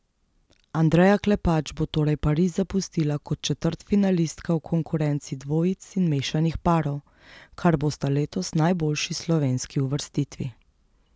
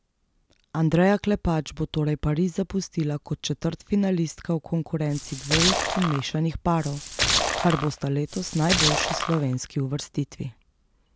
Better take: first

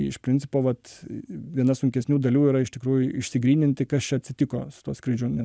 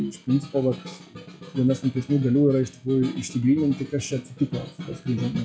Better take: first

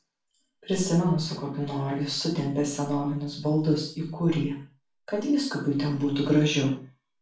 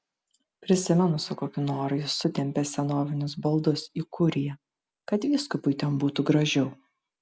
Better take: second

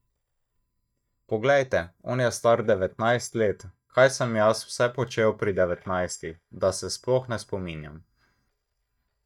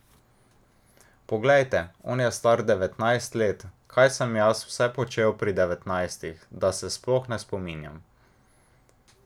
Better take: second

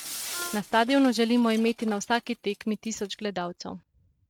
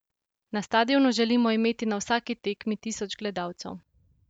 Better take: second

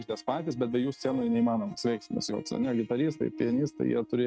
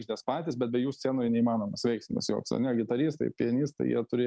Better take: second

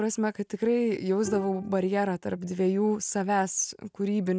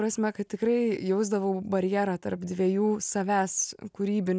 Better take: second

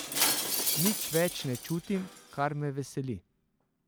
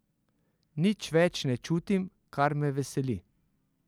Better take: second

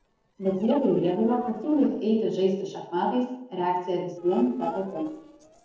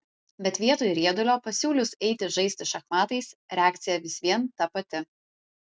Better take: second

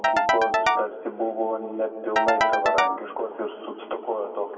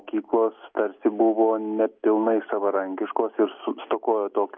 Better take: second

